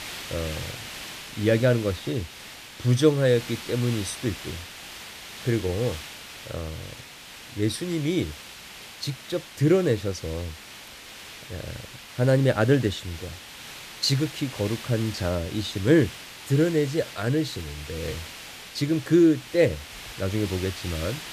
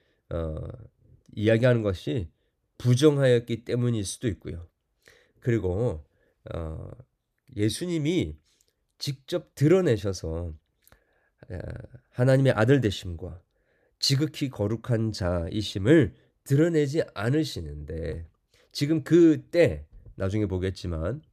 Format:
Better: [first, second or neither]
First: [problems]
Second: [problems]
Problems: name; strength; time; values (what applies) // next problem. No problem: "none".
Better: second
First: hiss; noticeable; throughout; 15 dB below the speech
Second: none